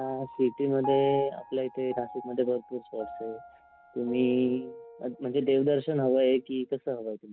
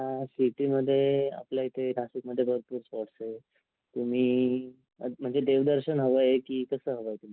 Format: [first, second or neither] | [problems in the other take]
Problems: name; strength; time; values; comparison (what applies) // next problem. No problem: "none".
second | background sound (Piano); 13 dB below the speech